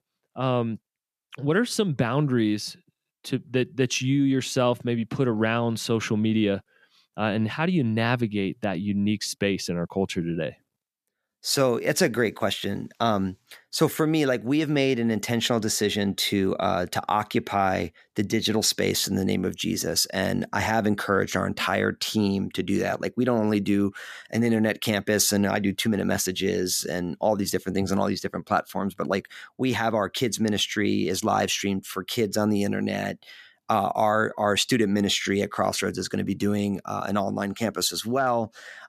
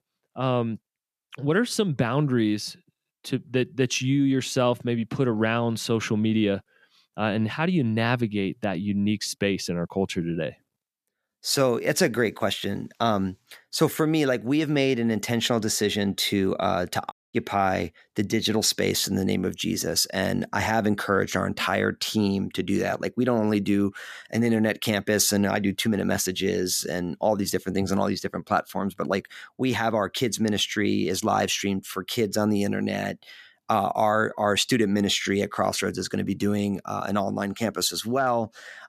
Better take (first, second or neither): first